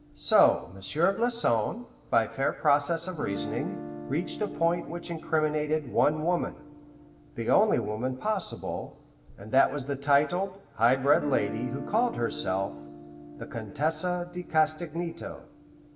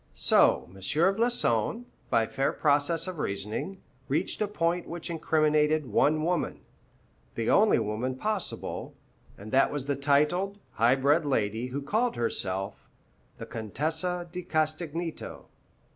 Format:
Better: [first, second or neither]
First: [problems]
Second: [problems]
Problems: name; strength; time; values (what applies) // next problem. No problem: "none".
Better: second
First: background sound (Guitar); 14 dB below the speech // room echo; dies away in 2.1 s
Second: none